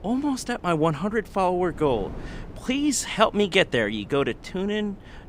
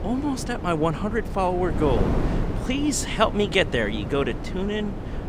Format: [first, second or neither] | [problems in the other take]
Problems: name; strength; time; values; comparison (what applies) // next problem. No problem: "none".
first | wind noise on the microphone; heavy; 10 dB below the speech; occasional gusts in the first